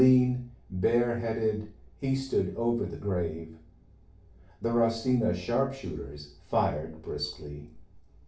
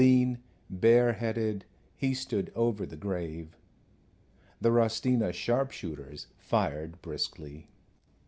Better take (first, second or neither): second